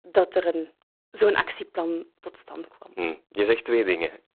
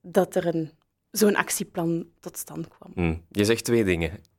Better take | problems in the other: second | phone-call audio; poor line; nothing above 4 kHz

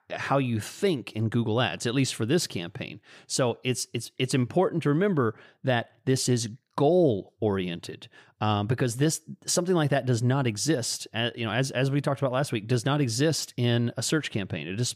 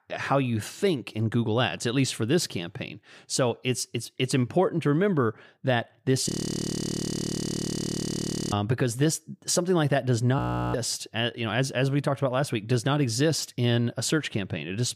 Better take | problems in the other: first | audio freezing; at 6.5 s for 2 s and at 10 s

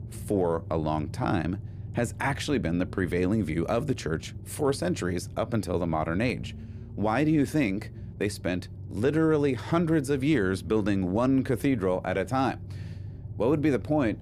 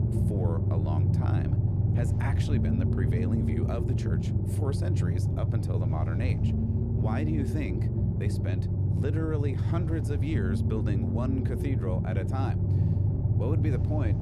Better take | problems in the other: first | low rumble; loud; throughout; as loud as the speech; faint in the first

